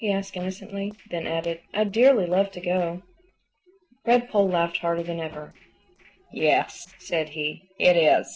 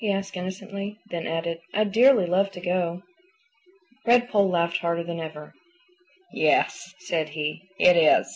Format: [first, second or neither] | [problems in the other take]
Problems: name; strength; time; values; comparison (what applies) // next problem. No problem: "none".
second | noise reduction (neural separator model SepFormer DNS4)